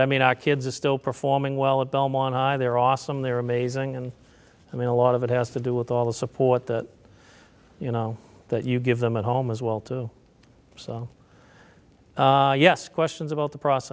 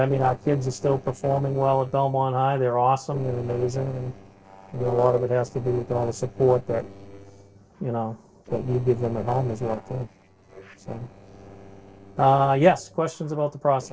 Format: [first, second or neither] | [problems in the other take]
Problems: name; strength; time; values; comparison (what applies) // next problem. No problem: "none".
first | noise reduction (neural separator model SepFormer DNS4)